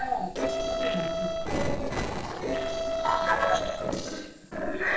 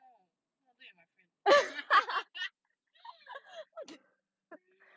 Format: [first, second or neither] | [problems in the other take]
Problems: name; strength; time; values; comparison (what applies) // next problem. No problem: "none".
second | noise reduction (neural separator model SepFormer DNS4)